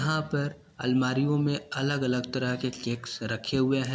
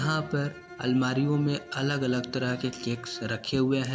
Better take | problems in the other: first | background sound (Bowed string instrument); 18 dB below the speech

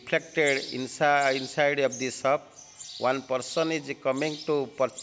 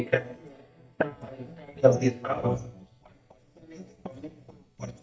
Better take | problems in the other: first | noise reduction (neural mask model DeepFilterNet 3)

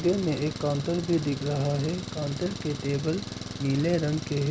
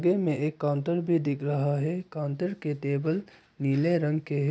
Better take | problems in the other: second | background sound (Engine); 9 dB below the speech

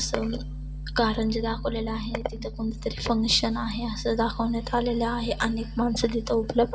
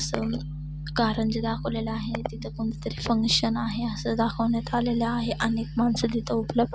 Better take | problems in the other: second | room echo; dies away in 0.3 s

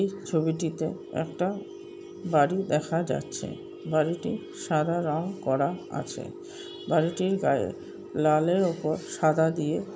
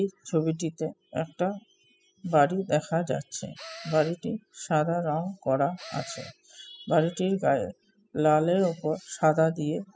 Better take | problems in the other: first | noise reduction (classical method spectral subtraction)

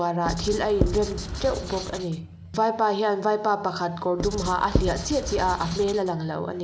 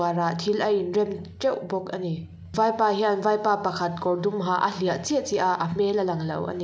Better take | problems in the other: second | background sound (Writing); 5 dB below the speech

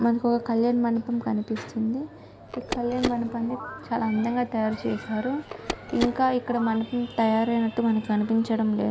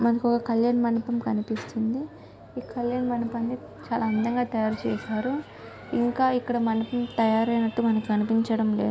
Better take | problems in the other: second | background sound (Telephone); 12 dB below the speech

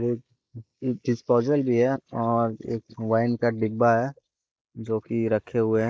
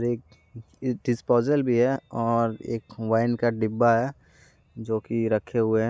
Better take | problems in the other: second | noise reduction (neural mask model Resemble Enhance denoiser)

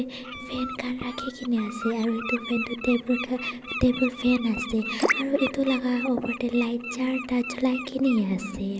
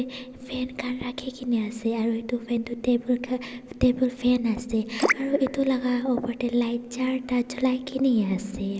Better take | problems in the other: second | background sound (Bird); 10 dB below the speech

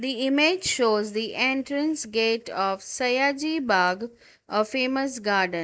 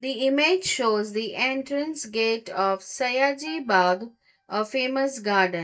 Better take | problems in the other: first | noise reduction (neural mask model DeepFilterNet 3)

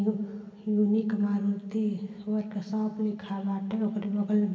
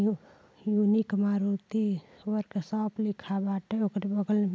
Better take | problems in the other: second | room echo; dies away in 1.9 s

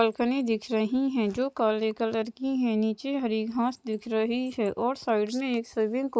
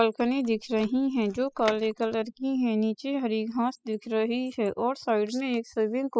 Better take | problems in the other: first | noise reduction (classical method spectral subtraction)

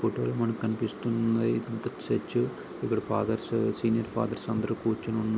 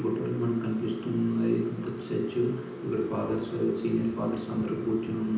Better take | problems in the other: first | room echo; dies away in 0.9 s

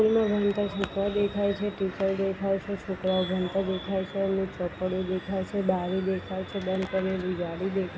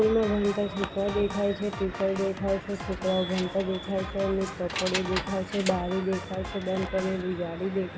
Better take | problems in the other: first | background sound (Keys jangling + Drum kit); 10 dB below the speech

